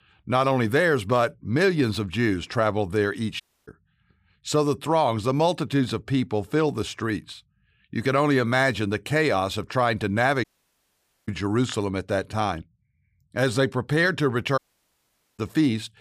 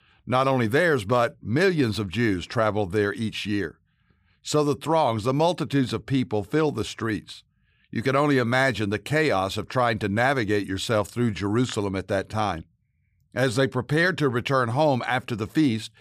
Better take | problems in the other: second | audio cutting out; at 3.5 s, at 10 s for 1 s and at 15 s for 1 s

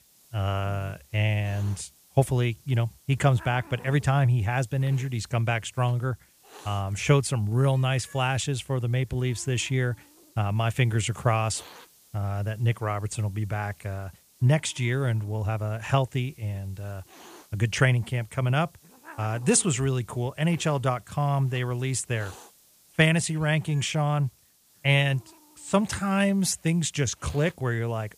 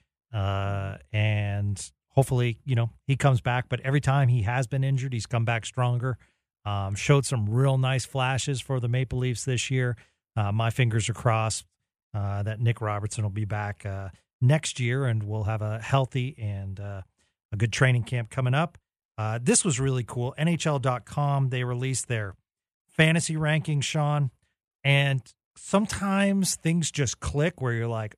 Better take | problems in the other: second | hiss; faint; throughout; 25 dB below the speech

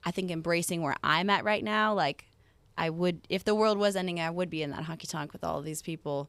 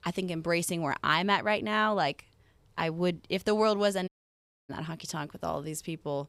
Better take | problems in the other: first | audio cutting out; at 4 s for 0.5 s

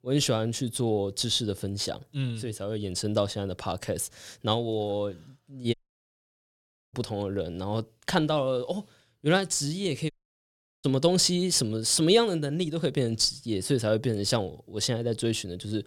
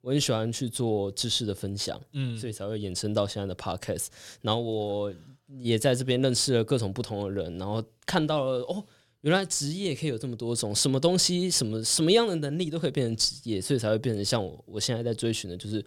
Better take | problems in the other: second | audio cutting out; at 5.5 s for 1 s and at 10 s for 0.5 s

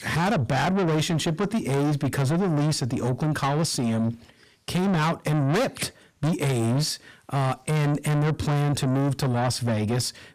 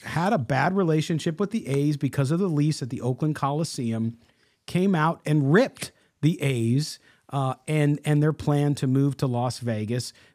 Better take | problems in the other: second | distortion; heavy; 6 dB below the speech

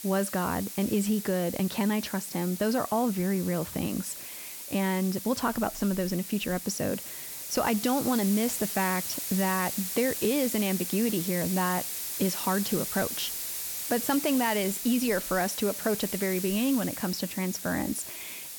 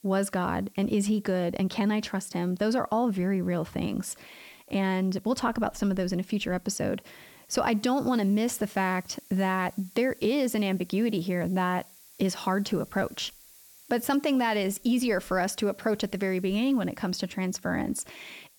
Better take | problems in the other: second | hiss; loud; throughout; 5 dB below the speech; faint in the second

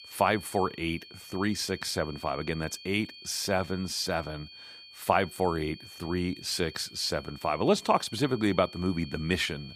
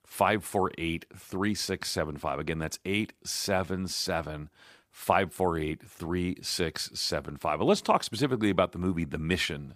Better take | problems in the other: second | high-pitched whine; noticeable; throughout; 4.5 kHz, 15 dB below the speech

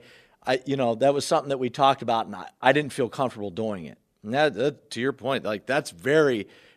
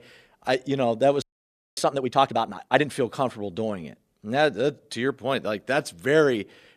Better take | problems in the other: first | audio freezing; at 1 s for 0.5 s

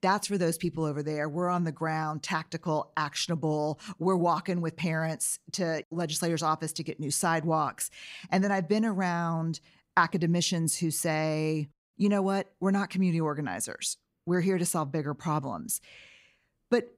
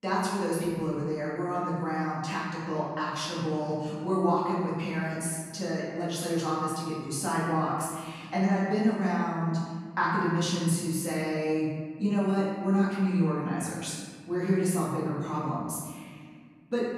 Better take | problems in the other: first | room echo; strong; dies away in 1.7 s // off-mic speech; far

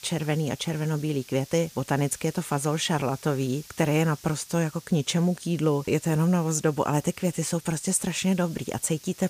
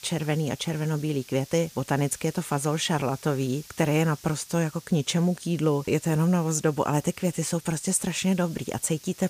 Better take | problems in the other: neither | hiss; faint; throughout; 20 dB below the speech; the same in both

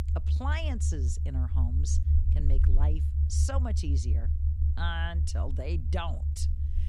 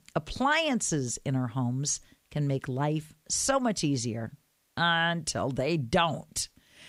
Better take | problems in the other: second | low rumble; loud; throughout; 7 dB below the speech

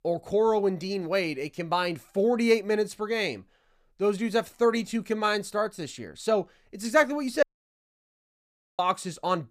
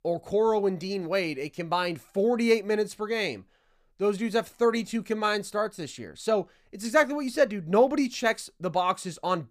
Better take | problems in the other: second | audio cutting out; at 7.5 s for 1.5 s

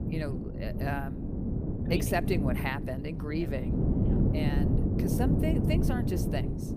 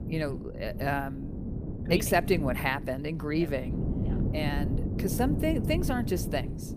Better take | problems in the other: second | wind noise on the microphone; heavy; 2 dB below the speech; occasional gusts in the second

